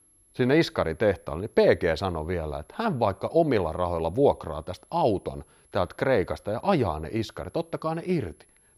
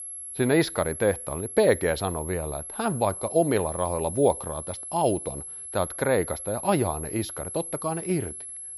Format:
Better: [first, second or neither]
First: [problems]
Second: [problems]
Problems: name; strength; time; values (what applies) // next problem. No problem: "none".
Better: first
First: high-pitched whine; faint; throughout; 11 kHz, 35 dB below the speech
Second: high-pitched whine; loud; throughout; 11 kHz, 8 dB below the speech